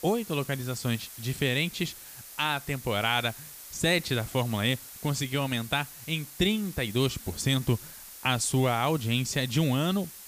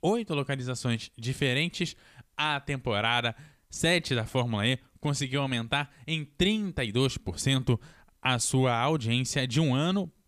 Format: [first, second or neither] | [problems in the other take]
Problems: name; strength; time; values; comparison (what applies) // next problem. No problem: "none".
second | hiss; noticeable; throughout; 15 dB below the speech